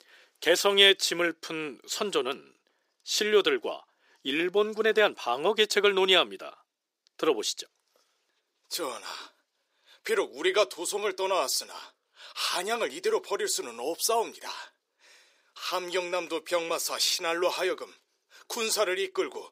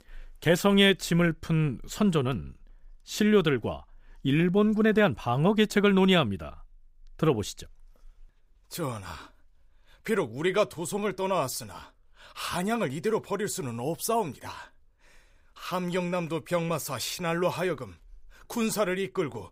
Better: second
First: thin; very; fading below 350 Hz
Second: none

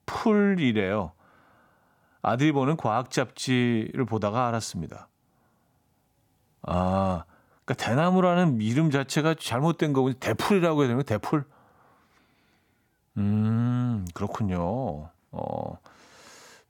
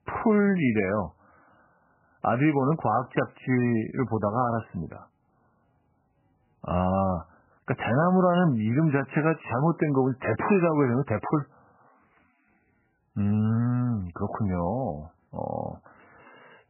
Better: first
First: none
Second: garbled, watery; badly; nothing above 3 kHz

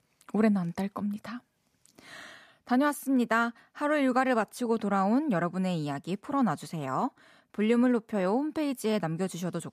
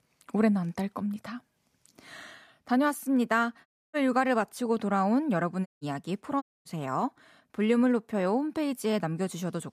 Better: first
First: none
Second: audio cutting out; at 3.5 s, at 5.5 s and at 6.5 s

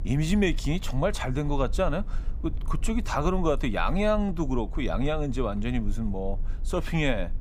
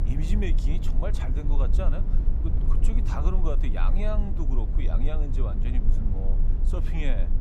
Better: first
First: low rumble; faint; throughout; 25 dB below the speech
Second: low rumble; loud; throughout; 6 dB below the speech

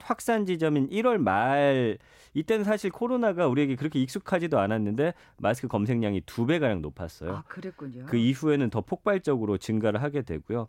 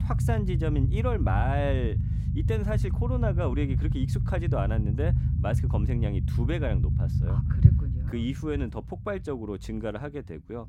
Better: first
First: none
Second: low rumble; loud; throughout; 6 dB below the speech

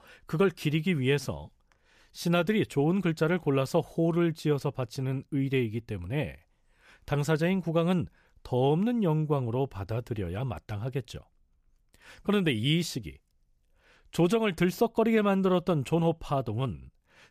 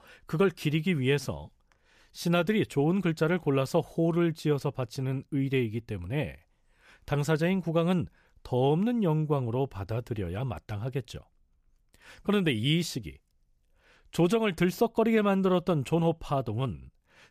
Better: neither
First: none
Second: none

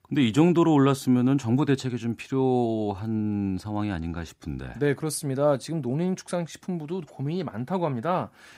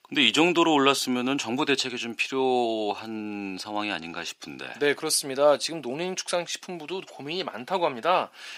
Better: first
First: none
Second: thin; somewhat; fading below 450 Hz

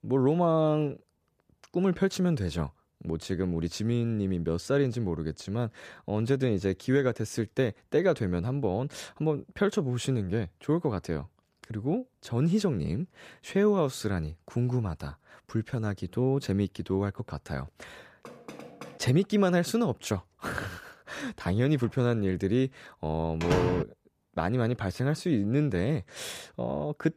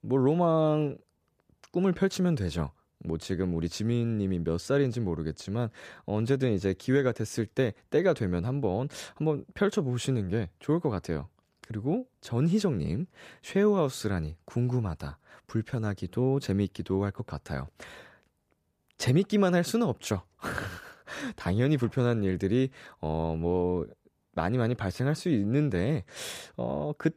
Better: second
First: door banging; faint; at 18 s; peak 15 dB below the speech // door banging; noticeable; at 23 s; peak level with the speech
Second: none

